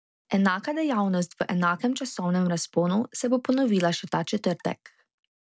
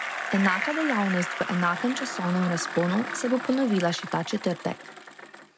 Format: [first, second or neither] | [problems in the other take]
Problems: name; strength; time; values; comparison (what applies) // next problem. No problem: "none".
first | background sound (Bicycle); 7 dB below the speech